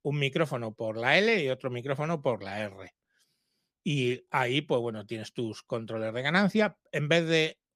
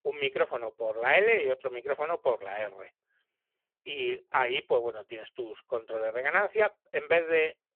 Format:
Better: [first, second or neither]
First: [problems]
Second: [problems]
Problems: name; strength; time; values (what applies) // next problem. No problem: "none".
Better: first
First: none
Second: phone-call audio; poor line